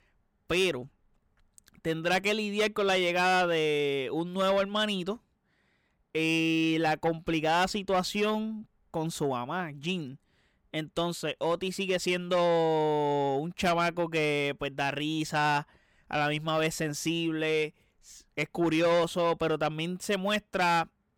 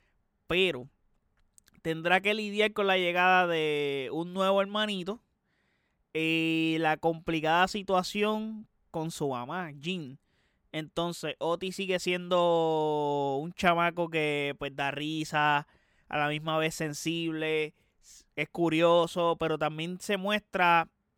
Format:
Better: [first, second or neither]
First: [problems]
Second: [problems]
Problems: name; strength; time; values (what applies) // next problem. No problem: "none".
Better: second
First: distortion; slight; 10 dB below the speech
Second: none